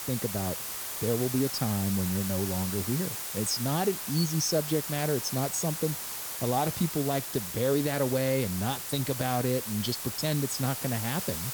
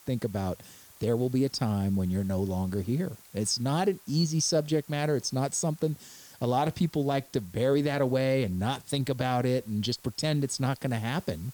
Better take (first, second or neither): second